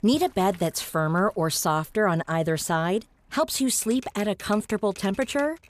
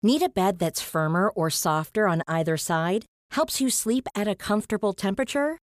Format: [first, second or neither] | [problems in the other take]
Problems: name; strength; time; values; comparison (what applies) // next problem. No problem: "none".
second | household noises; faint; throughout; 25 dB below the speech